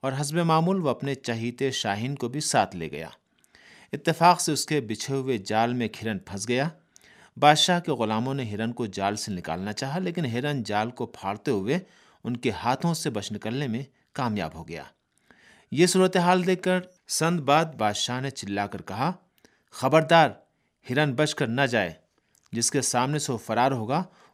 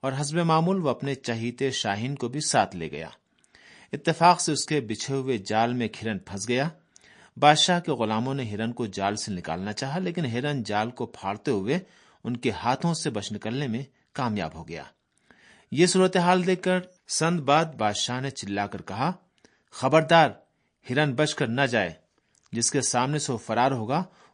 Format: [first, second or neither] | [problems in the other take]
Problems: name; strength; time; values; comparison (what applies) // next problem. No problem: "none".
first | garbled, watery; slightly; nothing above 9.5 kHz